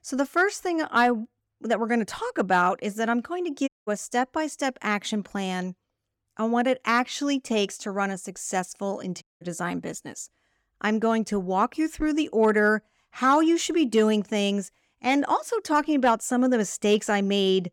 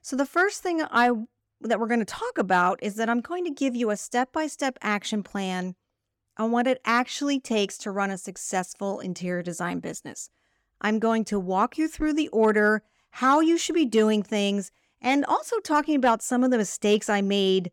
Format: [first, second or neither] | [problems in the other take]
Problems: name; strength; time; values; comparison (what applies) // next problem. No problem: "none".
second | audio cutting out; at 3.5 s and at 9 s